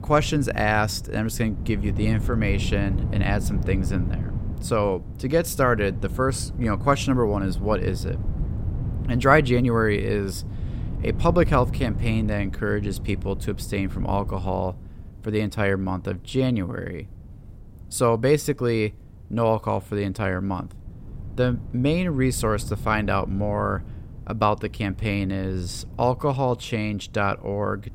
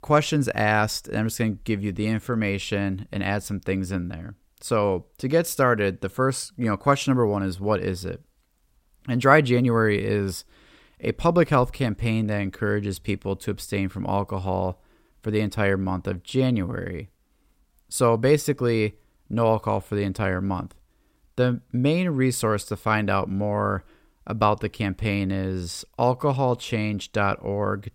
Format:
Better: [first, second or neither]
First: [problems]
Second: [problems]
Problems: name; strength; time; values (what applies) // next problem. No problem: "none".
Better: second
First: wind noise on the microphone; occasional gusts; 15 dB below the speech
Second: none